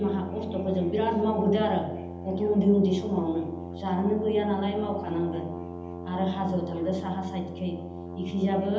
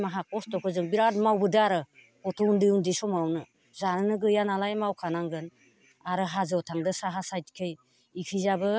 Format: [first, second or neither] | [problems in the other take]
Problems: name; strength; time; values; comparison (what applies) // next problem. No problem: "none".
second | background sound (Brass instrument); 9 dB below the speech // room echo; dies away in 0.9 s